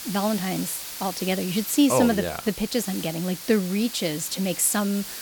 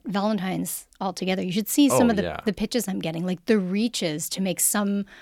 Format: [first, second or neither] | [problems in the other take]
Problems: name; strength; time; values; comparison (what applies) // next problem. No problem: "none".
second | hiss; loud; throughout; 10 dB below the speech